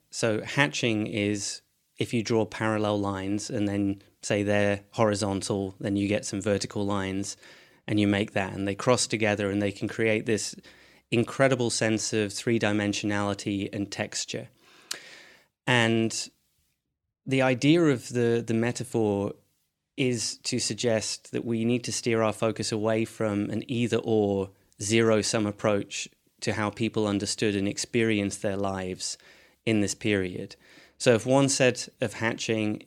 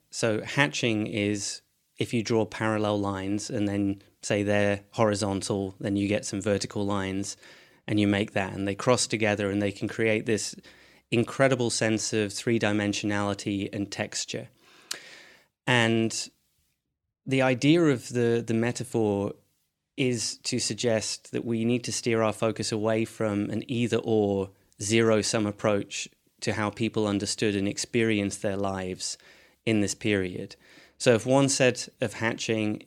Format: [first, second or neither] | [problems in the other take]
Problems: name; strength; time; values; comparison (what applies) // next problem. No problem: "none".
neither | none